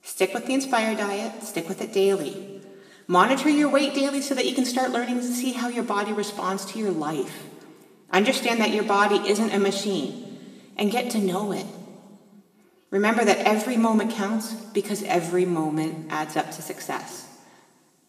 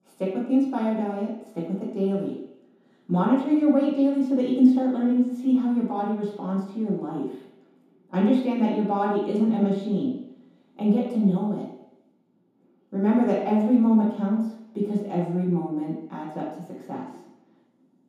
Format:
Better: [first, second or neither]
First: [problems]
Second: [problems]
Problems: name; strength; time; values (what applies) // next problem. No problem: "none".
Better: first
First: room echo; slight; dies away in 1.3 s // off-mic speech; somewhat distant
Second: room echo; strong; dies away in 0.8 s // off-mic speech; far